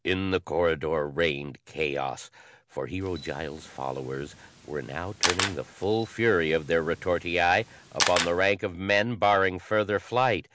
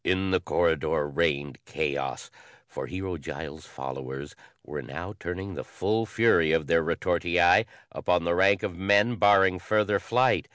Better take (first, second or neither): second